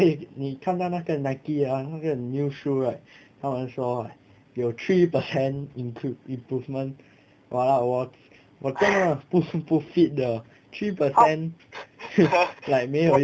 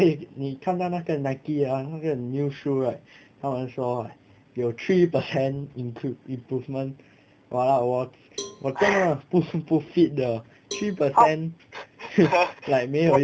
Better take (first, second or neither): first